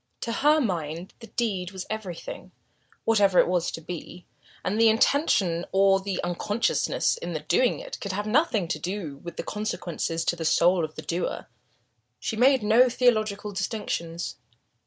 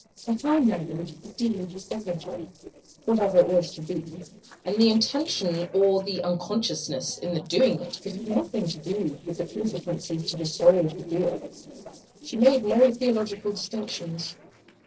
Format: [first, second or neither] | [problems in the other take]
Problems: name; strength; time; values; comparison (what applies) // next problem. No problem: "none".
first | noise reduction (neural separator model SepFormer DNS4)